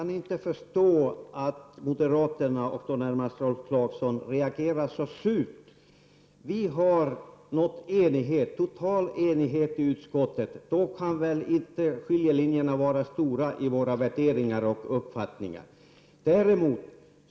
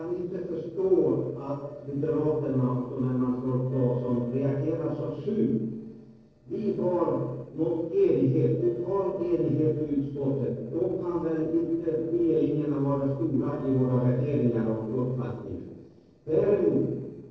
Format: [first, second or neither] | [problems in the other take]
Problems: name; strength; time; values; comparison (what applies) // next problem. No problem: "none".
first | noise reduction (neural separator model SepFormer DNS4)